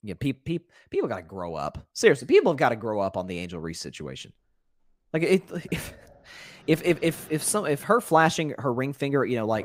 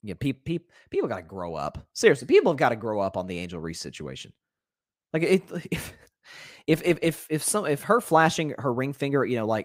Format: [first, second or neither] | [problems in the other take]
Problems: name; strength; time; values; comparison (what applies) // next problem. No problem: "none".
second | animal sounds; faint; throughout; 25 dB below the speech